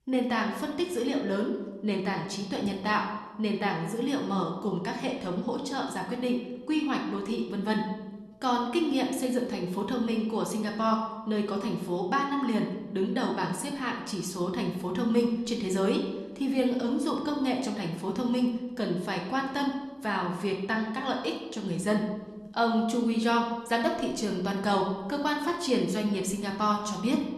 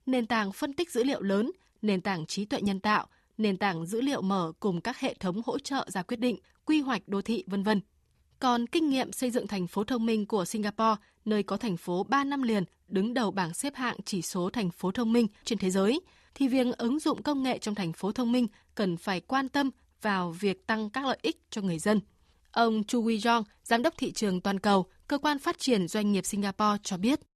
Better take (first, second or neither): second